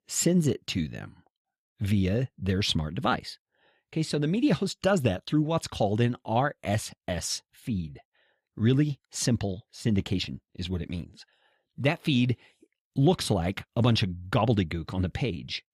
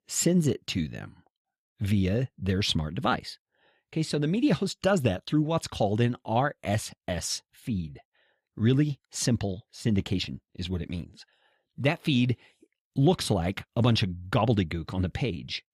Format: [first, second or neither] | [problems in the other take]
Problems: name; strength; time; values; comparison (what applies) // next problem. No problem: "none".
neither | none